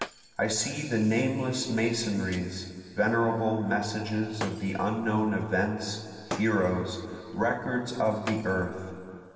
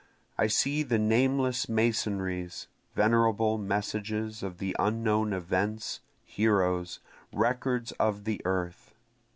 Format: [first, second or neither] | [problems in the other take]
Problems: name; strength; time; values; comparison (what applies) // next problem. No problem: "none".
second | background sound (Shatter); 16 dB below the speech // room echo; dies away in 2.6 s